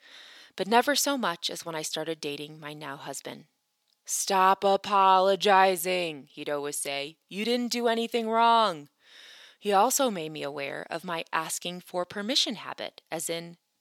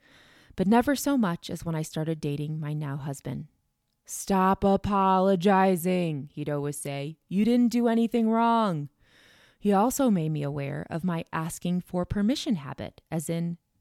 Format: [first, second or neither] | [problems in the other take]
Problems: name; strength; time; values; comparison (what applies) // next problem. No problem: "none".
second | thin; somewhat; fading below 450 Hz